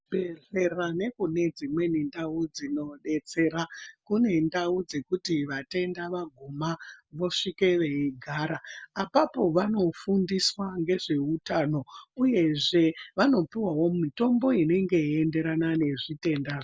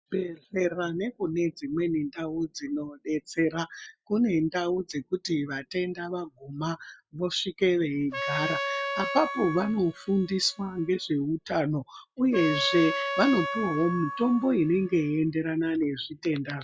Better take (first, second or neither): first